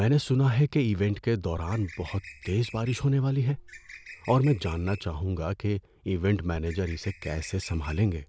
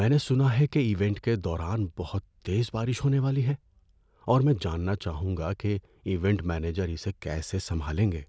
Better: second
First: background sound (Bird); 19 dB below the speech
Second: none

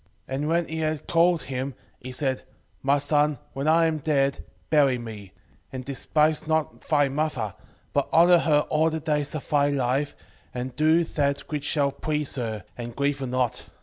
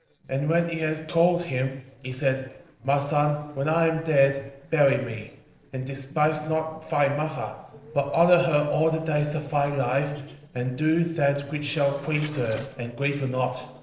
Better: first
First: none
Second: noise reduction (neural separator model SepFormer DNS4)

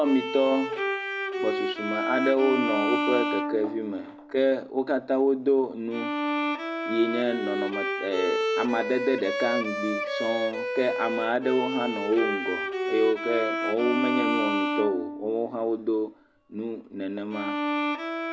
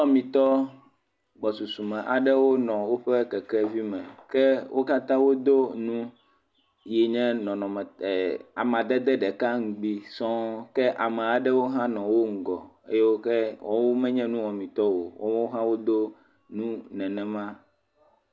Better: second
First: background sound (Bowed string instrument); 2 dB below the speech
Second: none

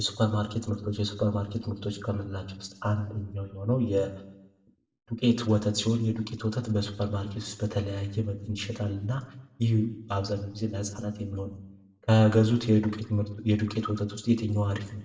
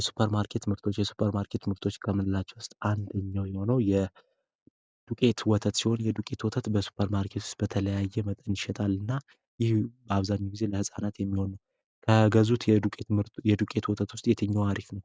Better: second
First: room echo; dies away in 0.6 s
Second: none

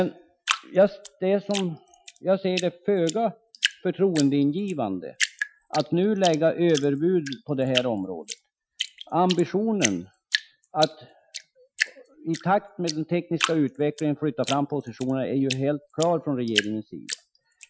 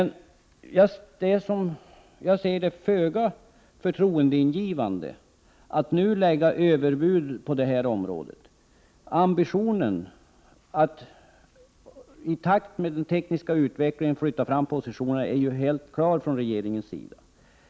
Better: second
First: noise reduction (classical method Wiener filter)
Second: none

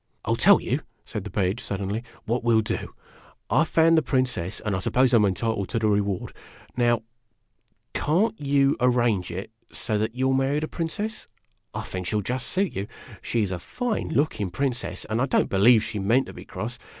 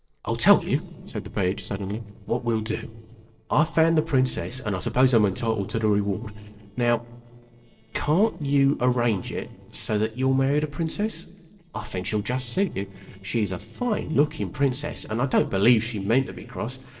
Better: first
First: none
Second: noise reduction (neural separator model SepFormer DNS4)

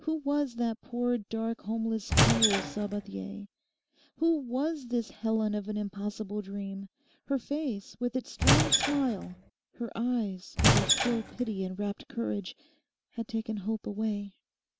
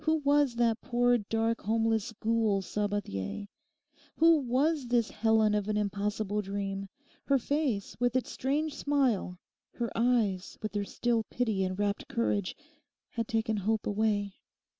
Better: second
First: background sound (Squeak / Wood); 5 dB above the speech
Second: none

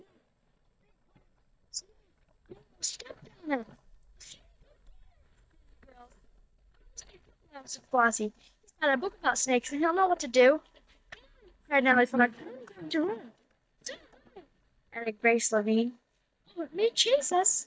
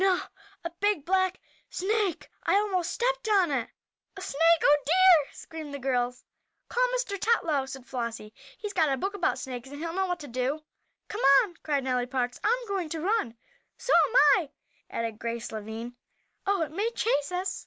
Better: second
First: noise reduction (neural mask model DeepFilterNet 3)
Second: none

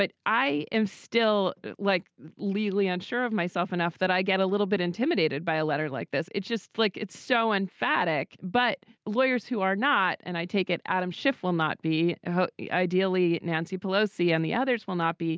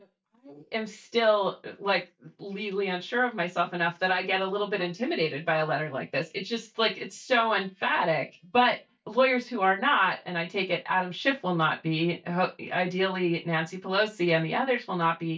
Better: first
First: none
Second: noise reduction (neural mask model DeepFilterNet 3)

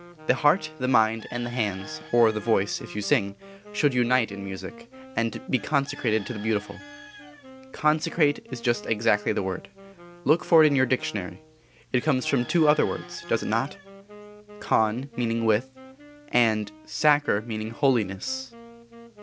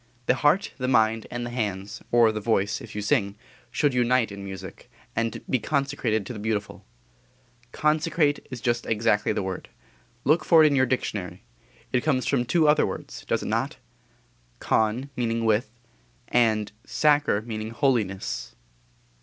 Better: second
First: background sound (Wind instrument, woodwind instrument + Bird / Chicken, rooster); 18 dB below the speech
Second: none

